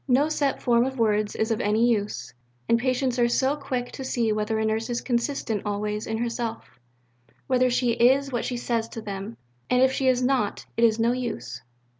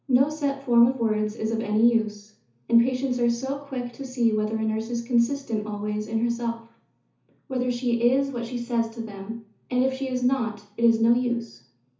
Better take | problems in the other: first | room echo; dies away in 0.9 s

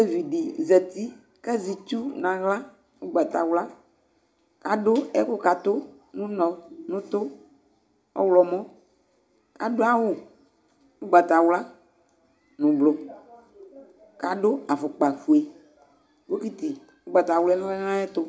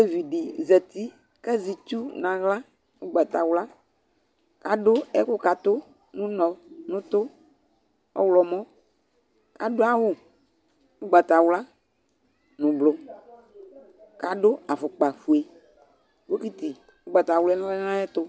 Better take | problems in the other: second | room echo; dies away in 0.2 s

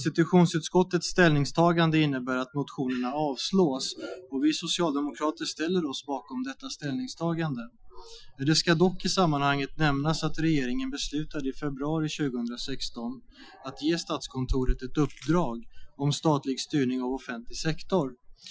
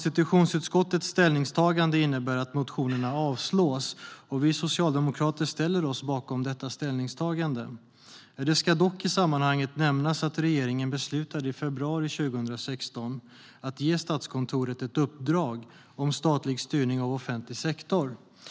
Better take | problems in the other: second | noise reduction (classical method Wiener filter)

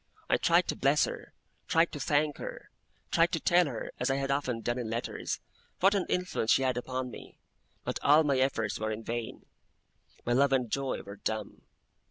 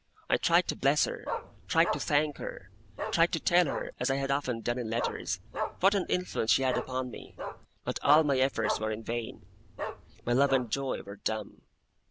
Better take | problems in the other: first | background sound (Bark); 8 dB below the speech

